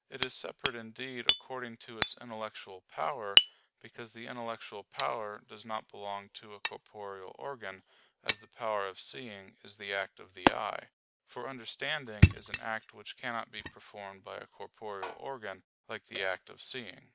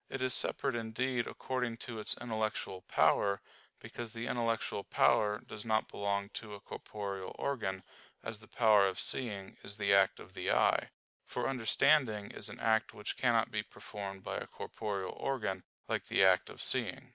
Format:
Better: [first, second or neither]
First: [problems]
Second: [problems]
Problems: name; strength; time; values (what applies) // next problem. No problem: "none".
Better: second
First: background sound (Hammer); 4 dB above the speech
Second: none